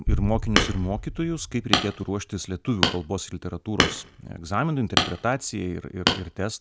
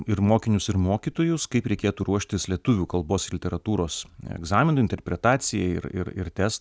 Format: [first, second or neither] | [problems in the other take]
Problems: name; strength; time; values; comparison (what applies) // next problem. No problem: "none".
second | background sound (Boom + Hammer); as loud as the speech